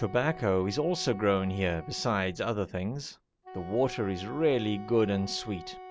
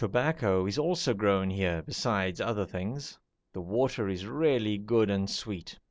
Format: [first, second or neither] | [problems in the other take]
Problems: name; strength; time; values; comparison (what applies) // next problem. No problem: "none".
second | background sound (Wind instrument, woodwind instrument); 16 dB below the speech